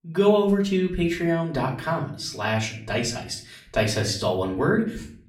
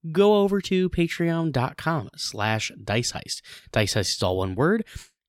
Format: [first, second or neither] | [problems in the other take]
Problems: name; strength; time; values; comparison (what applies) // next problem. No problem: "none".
second | room echo; slight; dies away in 0.4 s // off-mic speech; far